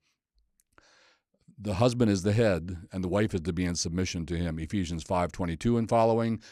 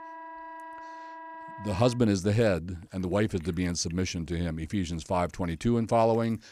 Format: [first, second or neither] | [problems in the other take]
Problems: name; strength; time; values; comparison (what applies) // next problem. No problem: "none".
first | background music; noticeable; throughout; 15 dB below the speech